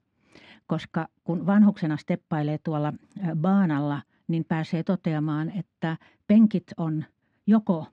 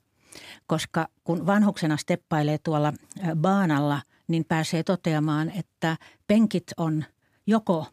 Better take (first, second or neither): second